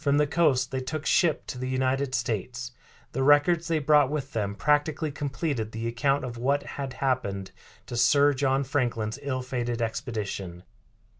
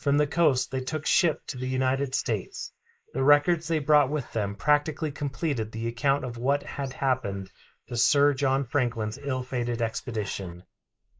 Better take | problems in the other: first | noise reduction (neural mask model Resemble Enhance denoiser)

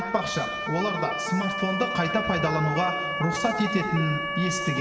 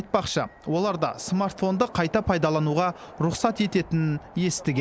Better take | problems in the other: second | background sound (Motor vehicle (road) / Siren); 3 dB below the speech // room echo; dies away in 2.1 s

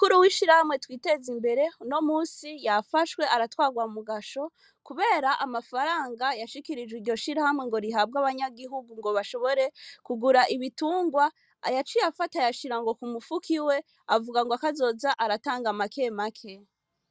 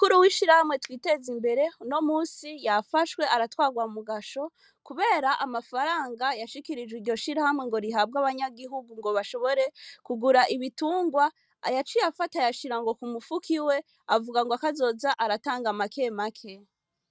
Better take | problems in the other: first | noise reduction (neural mask model RNNoise)

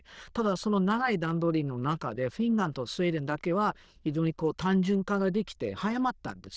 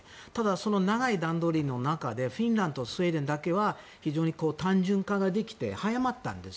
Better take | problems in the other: second | noise reduction (neural diffusion model UNIVERSE++)

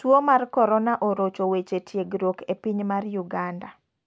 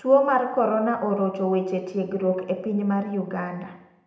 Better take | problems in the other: first | room echo; dies away in 0.8 s

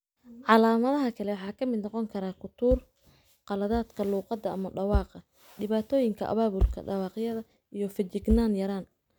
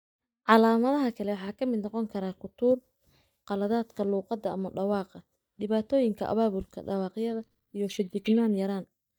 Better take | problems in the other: first | noise reduction (neural mask model DeepFilterNet 3)

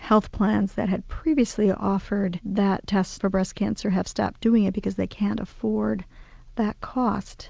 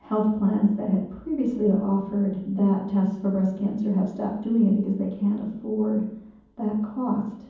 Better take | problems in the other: first | room echo; dies away in 1.2 s

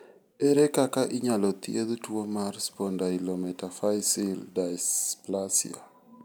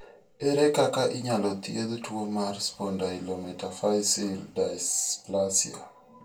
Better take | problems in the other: first | room echo; dies away in 0.2 s

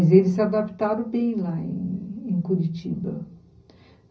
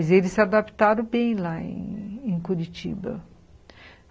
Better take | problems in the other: second | room echo; dies away in 0.5 s

